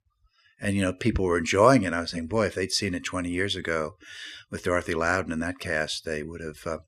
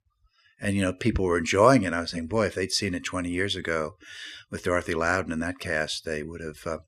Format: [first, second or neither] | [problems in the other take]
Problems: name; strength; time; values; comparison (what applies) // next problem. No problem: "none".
neither | none